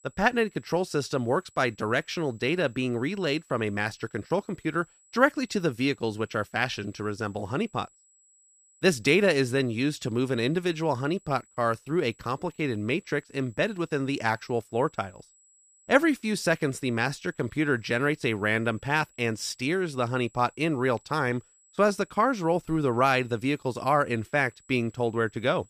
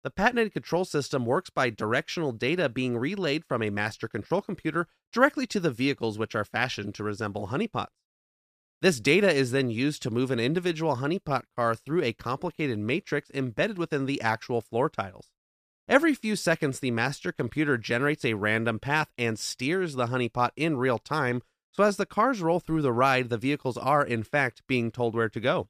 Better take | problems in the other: second | high-pitched whine; faint; throughout; 8 kHz, 30 dB below the speech

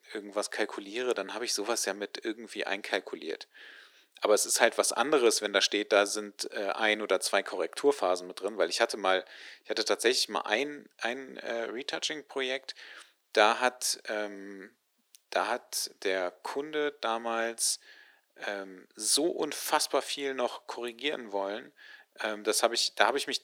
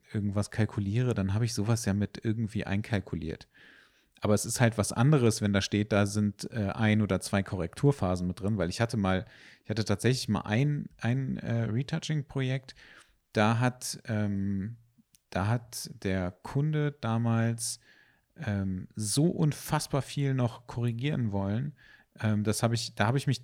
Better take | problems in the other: second | thin; very; fading below 350 Hz

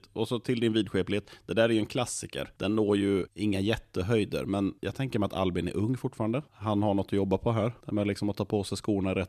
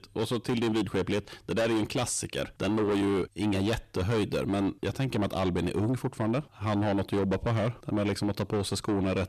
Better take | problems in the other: first | distortion; heavy; 8 dB below the speech

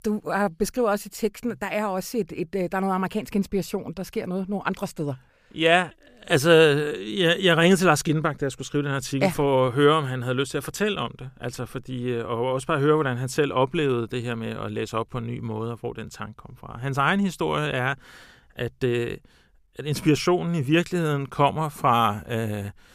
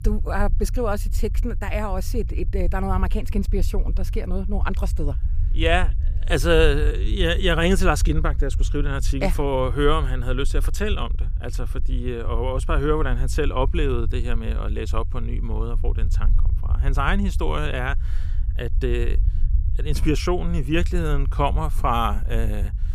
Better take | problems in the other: first | low rumble; faint; throughout; 20 dB below the speech

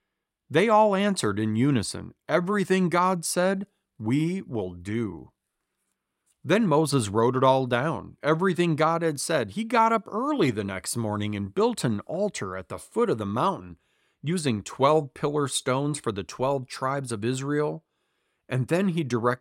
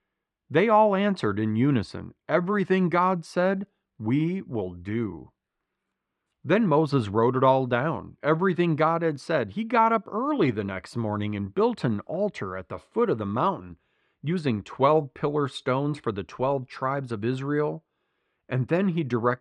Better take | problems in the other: first | muffled; slightly; fading above 3 kHz

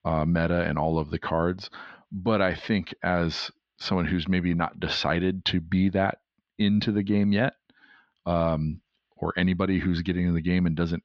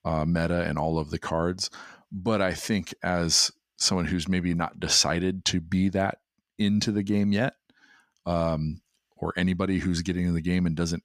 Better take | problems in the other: second | muffled; slightly; fading above 4 kHz

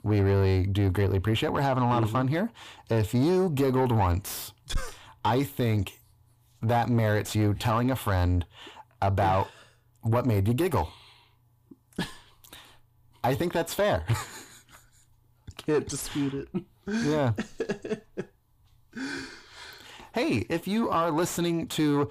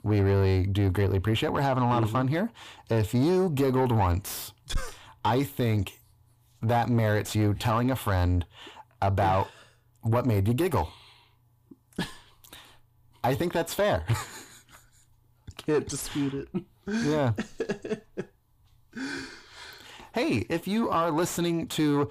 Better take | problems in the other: neither | distortion; slight; 10 dB below the speech; the same in both

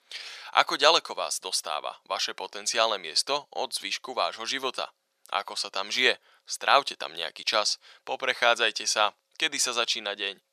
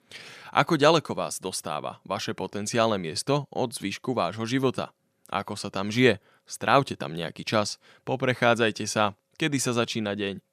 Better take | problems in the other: second | thin; very; fading below 700 Hz

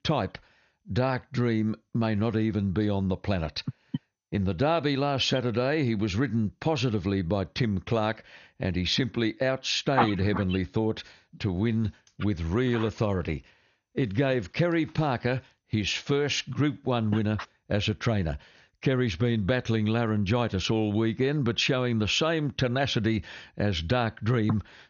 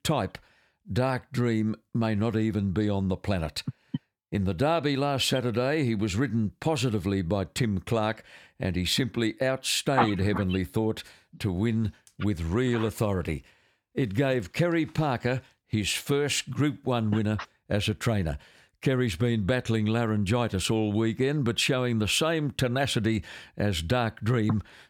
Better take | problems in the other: second | garbled, watery; slightly; nothing above 6.5 kHz

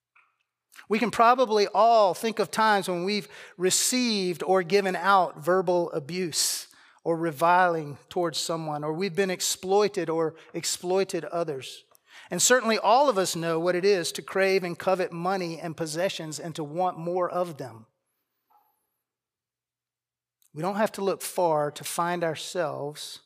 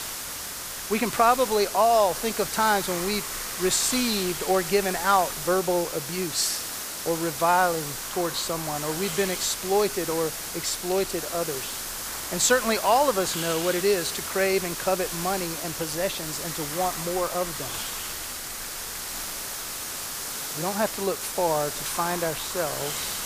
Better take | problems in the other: first | hiss; loud; throughout; 5 dB below the speech

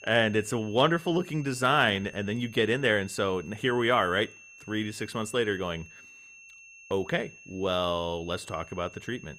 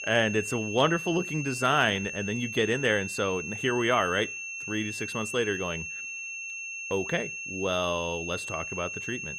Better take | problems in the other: first | high-pitched whine; loud; throughout; 2.5 kHz, 6 dB below the speech; faint in the first

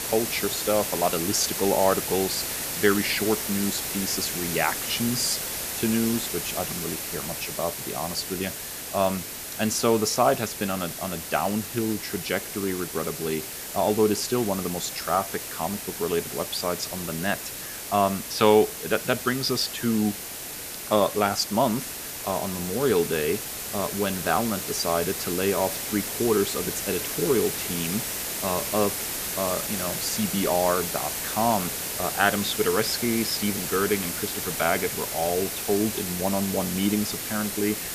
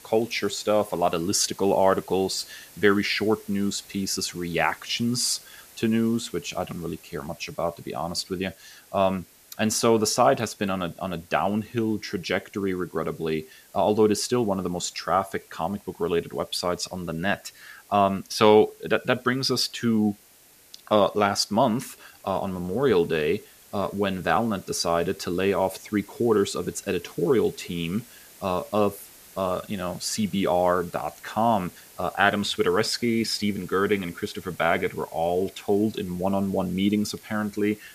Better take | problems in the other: second | hiss; loud; throughout; 3 dB below the speech; faint in the second

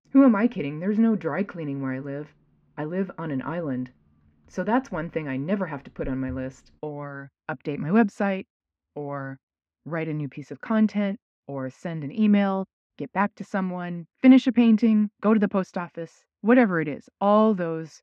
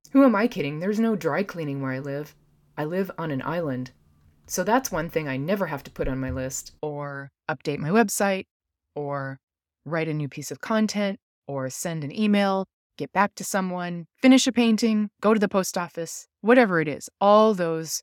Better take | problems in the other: second | muffled; very; fading above 2 kHz

